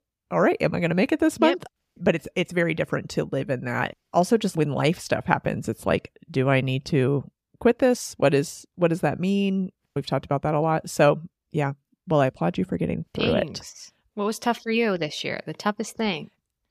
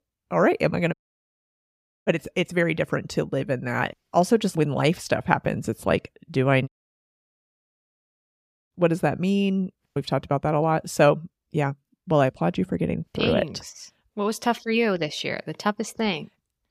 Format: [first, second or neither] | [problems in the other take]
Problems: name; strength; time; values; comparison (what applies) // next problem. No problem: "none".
first | audio cutting out; at 1 s for 1 s and at 6.5 s for 2 s